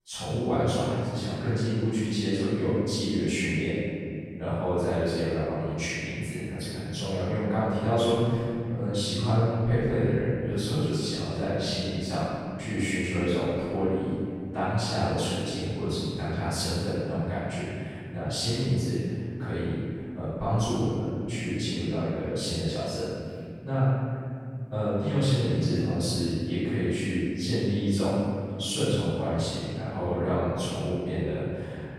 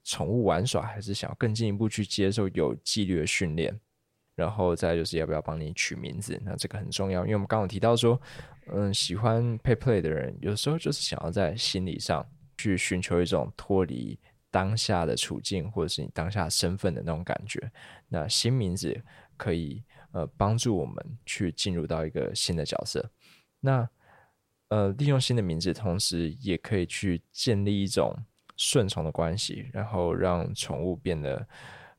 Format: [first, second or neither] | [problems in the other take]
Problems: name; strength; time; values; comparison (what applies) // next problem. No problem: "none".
second | off-mic speech; far // room echo; strong; dies away in 2.7 s